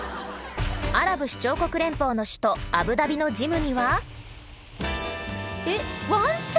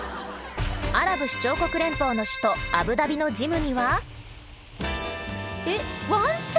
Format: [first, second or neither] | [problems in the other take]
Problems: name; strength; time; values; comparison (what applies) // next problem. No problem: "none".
first | background sound (Keyboard (musical)); 9 dB below the speech